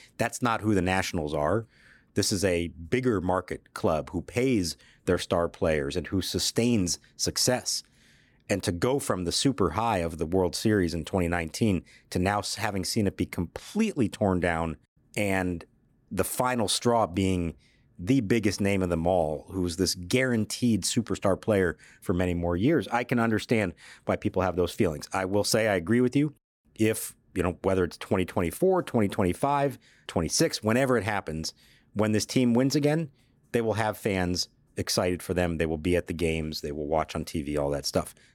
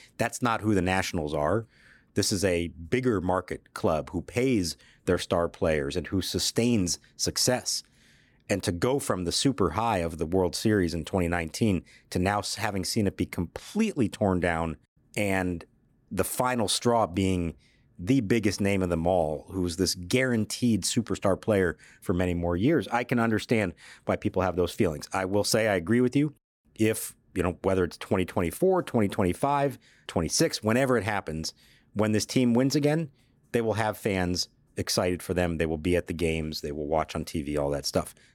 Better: neither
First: none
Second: none

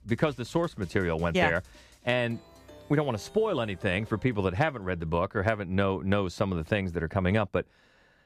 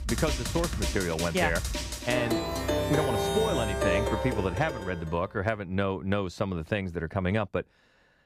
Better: first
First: background music; faint; until 4.5 s; 25 dB below the speech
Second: background music; loud; until 4.5 s; 1 dB below the speech

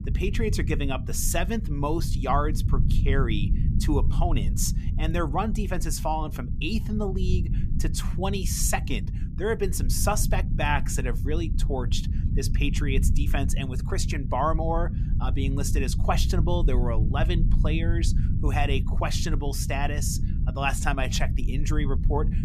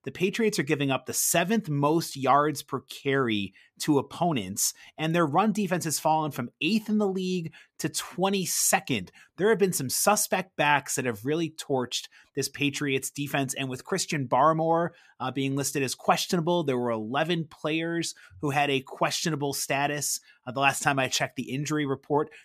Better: second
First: low rumble; noticeable; throughout; 10 dB below the speech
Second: none

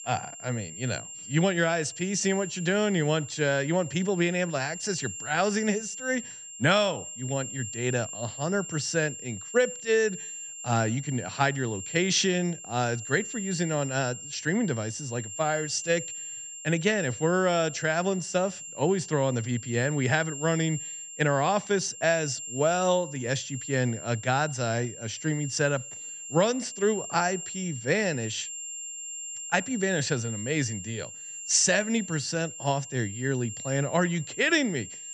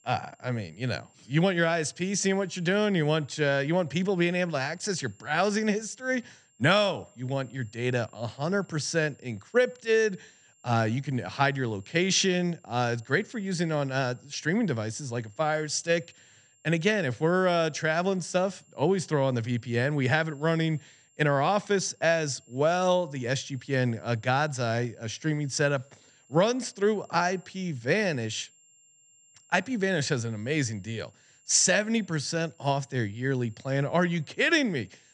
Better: second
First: high-pitched whine; loud; throughout; 7.5 kHz, 10 dB below the speech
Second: high-pitched whine; faint; throughout; 7.5 kHz, 30 dB below the speech

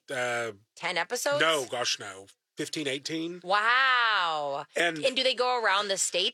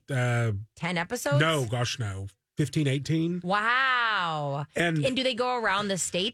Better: second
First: thin; very; fading below 500 Hz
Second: none

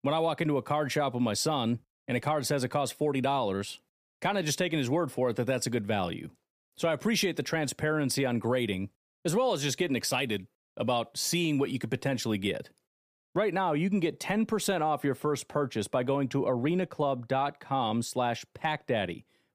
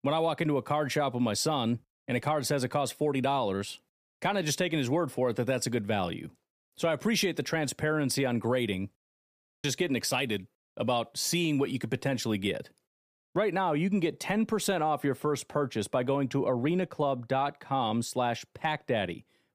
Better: first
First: none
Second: audio cutting out; at 9 s for 0.5 s

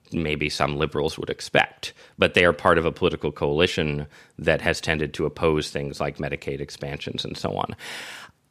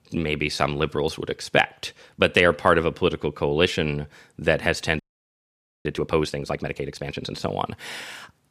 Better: first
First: none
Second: audio freezing; at 5 s for 1 s

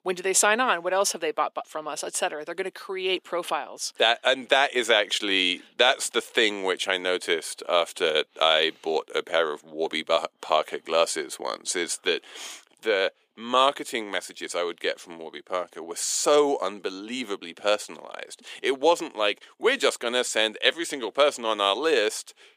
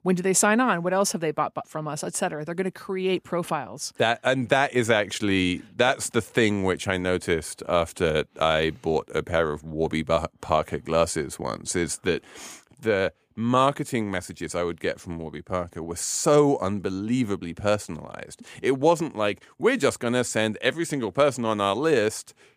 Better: second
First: thin; somewhat; fading below 350 Hz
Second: none

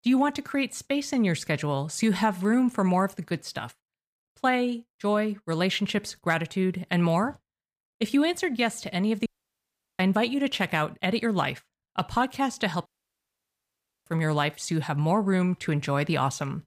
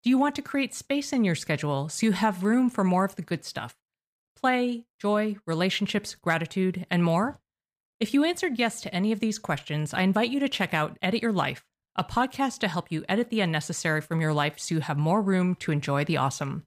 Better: second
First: audio cutting out; at 9.5 s for 0.5 s and at 13 s for 1 s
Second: none

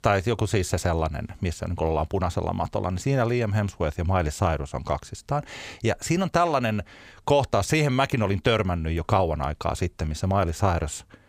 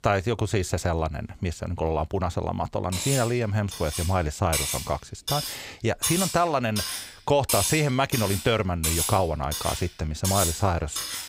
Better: first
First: none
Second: clattering dishes; loud; from 3 s on; peak 2 dB above the speech

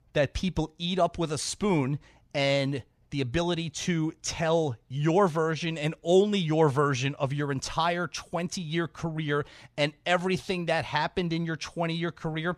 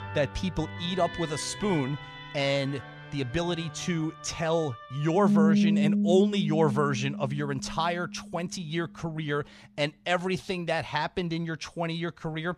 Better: first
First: none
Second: background music; loud; throughout; as loud as the speech

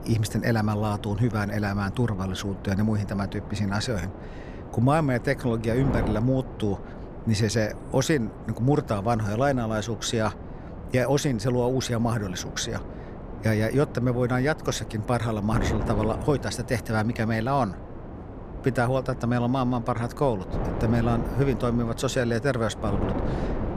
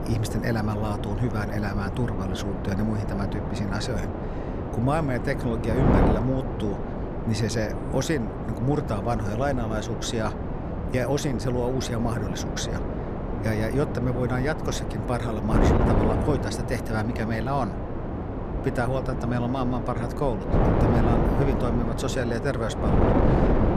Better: first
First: wind noise on the microphone; occasional gusts; 10 dB below the speech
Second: wind noise on the microphone; heavy; 1 dB below the speech

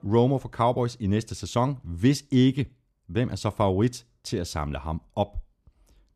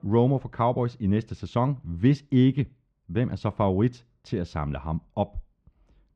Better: first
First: none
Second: muffled; slightly; fading above 3 kHz

